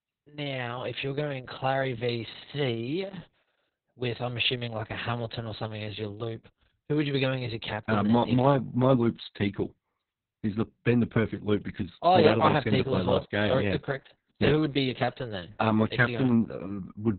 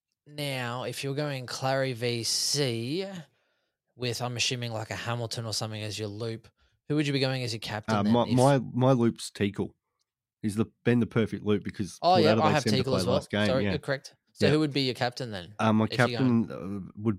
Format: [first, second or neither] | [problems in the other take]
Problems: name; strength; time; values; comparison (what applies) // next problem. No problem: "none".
second | garbled, watery; badly; nothing above 4 kHz